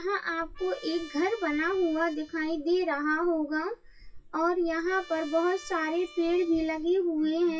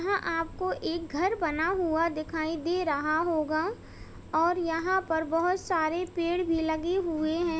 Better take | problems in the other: second | noise reduction (classical method WPE with log-MMSE)

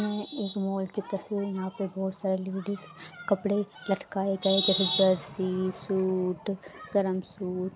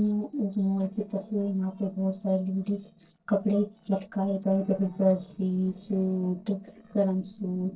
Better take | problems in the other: first | noise reduction (neural separator model SepFormer DNS4)

